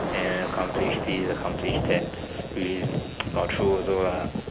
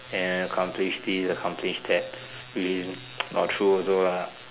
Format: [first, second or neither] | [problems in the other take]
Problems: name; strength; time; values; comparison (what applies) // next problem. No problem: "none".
second | background sound (Thunder); 1 dB below the speech